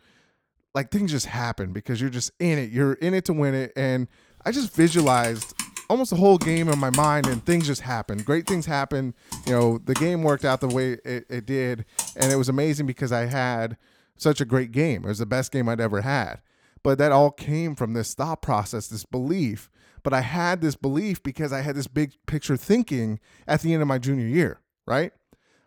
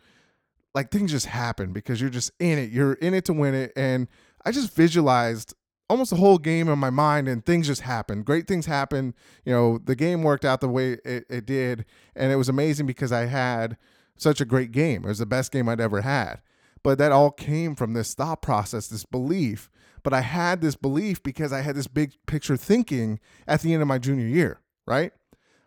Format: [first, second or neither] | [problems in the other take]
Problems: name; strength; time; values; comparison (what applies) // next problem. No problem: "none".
second | keyboard typing; noticeable; from 5 to 12 s; peak 1 dB below the speech